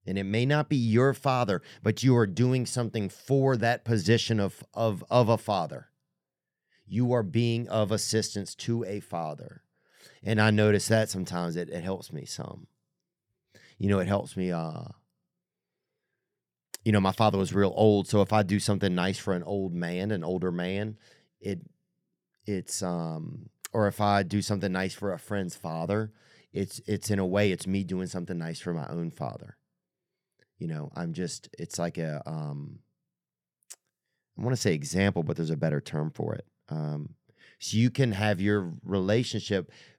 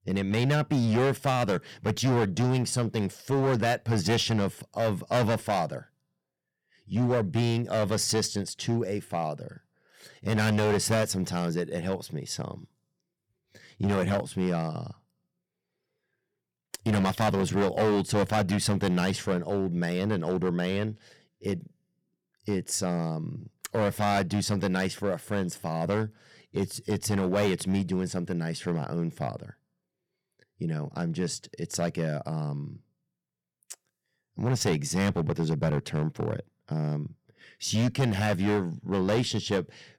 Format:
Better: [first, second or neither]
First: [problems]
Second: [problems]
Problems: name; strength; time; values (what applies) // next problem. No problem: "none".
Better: first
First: none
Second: distortion; heavy; 7% of the sound clipped